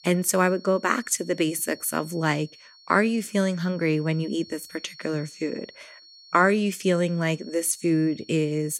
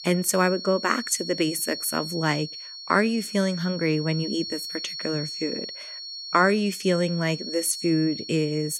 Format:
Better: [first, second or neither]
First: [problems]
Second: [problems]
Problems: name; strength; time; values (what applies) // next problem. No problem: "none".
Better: first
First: high-pitched whine; faint; throughout; 4.5 kHz, 20 dB below the speech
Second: high-pitched whine; loud; throughout; 4.5 kHz, 8 dB below the speech